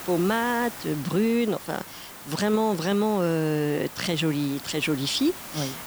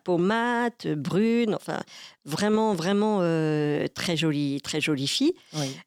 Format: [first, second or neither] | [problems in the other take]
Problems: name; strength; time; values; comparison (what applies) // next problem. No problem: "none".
second | hiss; noticeable; throughout; 15 dB below the speech